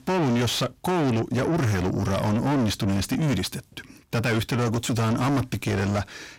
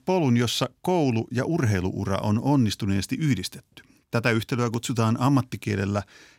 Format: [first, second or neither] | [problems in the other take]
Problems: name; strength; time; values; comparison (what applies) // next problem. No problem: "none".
second | distortion; heavy; 5 dB below the speech